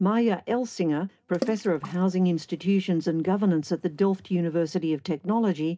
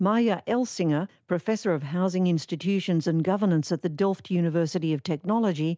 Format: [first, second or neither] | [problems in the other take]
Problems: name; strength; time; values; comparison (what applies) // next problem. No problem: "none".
second | background sound (Water / Splash, splatter); 16 dB below the speech // room echo; dies away in 0.3 s